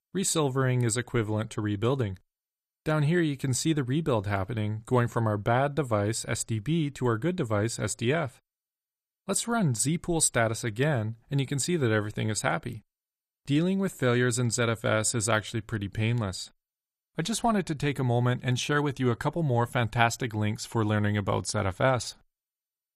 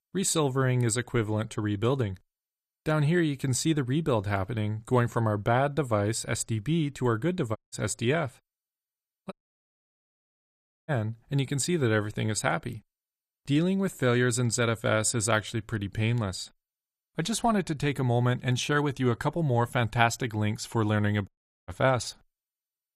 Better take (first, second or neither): first